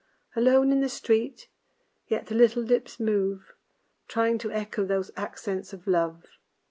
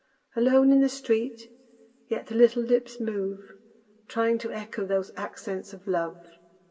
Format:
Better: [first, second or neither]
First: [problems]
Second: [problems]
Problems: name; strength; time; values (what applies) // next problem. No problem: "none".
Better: first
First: none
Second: room echo; dies away in 1.8 s